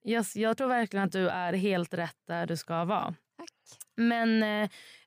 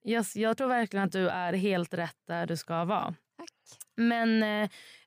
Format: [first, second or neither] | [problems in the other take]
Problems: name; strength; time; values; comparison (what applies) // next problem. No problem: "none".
neither | none